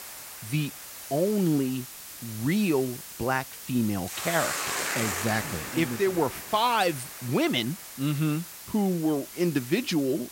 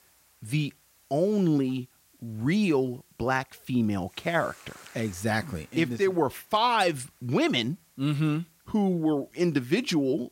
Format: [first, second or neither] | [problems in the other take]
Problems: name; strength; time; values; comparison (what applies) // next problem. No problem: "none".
second | hiss; loud; throughout; 7 dB below the speech; faint in the second